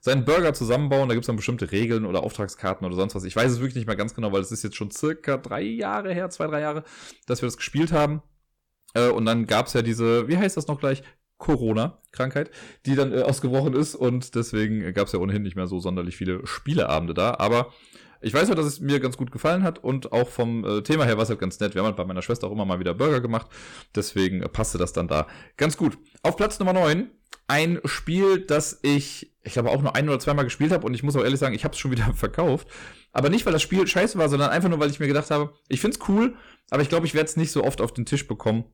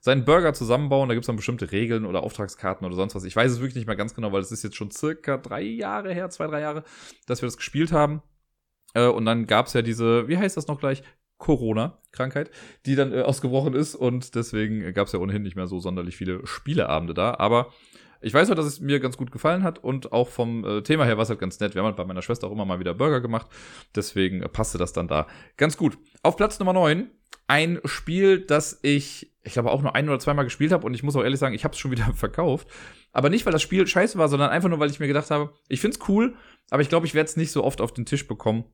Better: second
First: distortion; slight; 5% of the sound clipped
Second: none

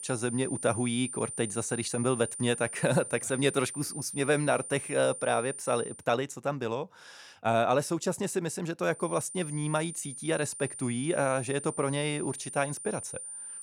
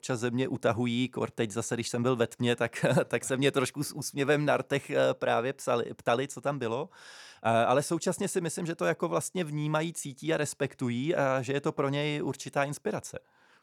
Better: second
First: high-pitched whine; loud; until 6 s and from 9 s on; 9 kHz, 8 dB below the speech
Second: none

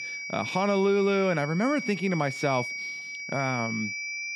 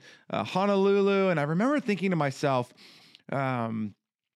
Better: second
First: high-pitched whine; loud; throughout; 2.5 kHz, 6 dB below the speech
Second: none

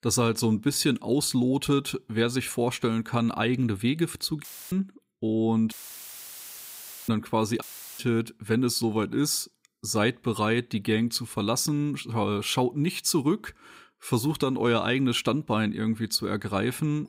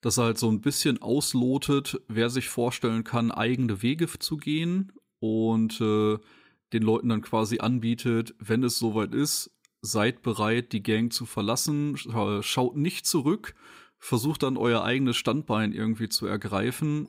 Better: second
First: audio cutting out; filled with static; at 4.5 s, at 5.5 s for 1.5 s and at 7.5 s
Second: none

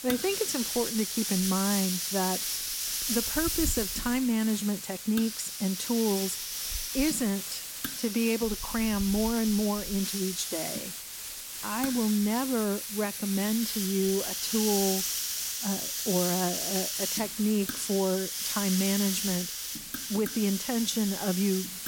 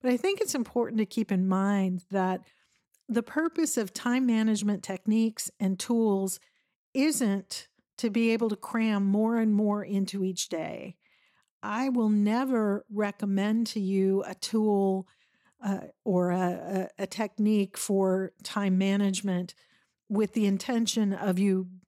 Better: second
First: hiss; loud; throughout; 1 dB below the speech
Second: none

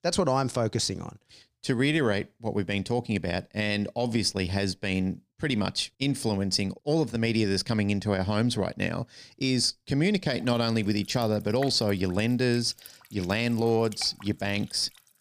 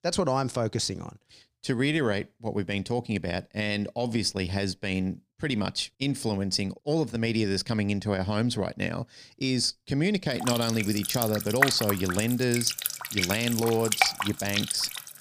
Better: first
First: household noises; faint; from 10 s on; 20 dB below the speech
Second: household noises; loud; from 10 s on; 1 dB below the speech

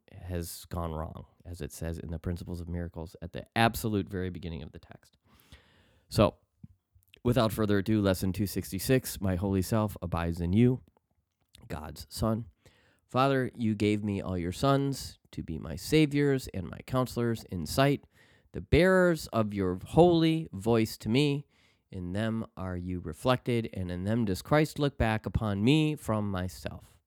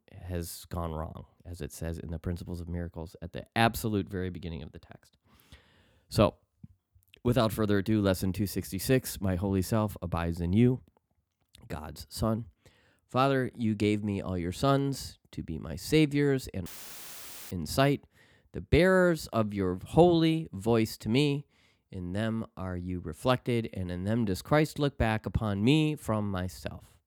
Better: first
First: none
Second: audio cutting out; filled with static; at 17 s for 1 s

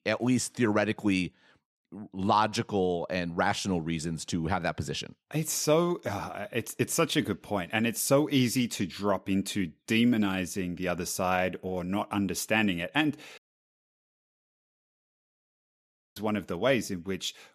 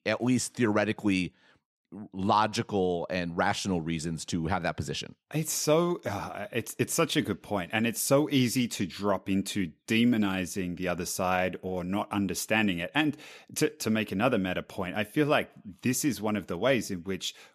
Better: second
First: audio cutting out; at 13 s for 3 s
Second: none

